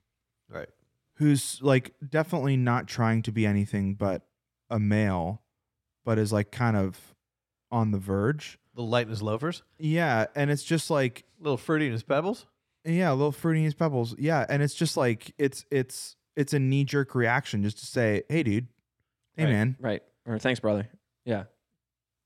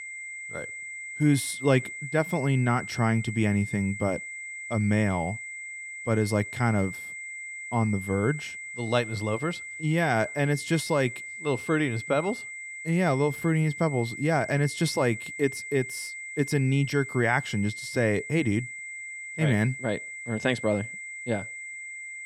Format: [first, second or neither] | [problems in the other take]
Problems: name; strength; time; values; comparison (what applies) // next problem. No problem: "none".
first | high-pitched whine; loud; throughout; 2 kHz, 9 dB below the speech